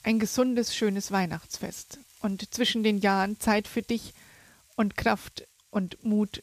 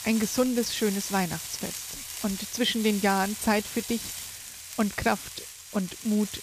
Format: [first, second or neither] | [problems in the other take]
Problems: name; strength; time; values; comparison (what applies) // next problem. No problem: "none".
first | household noises; loud; throughout; 7 dB below the speech; faint in the first